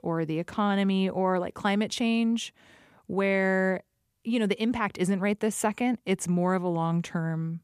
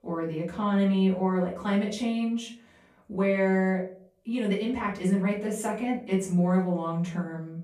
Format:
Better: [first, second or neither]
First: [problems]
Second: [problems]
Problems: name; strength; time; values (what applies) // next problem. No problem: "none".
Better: first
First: none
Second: room echo; slight; dies away in 0.4 s // off-mic speech; far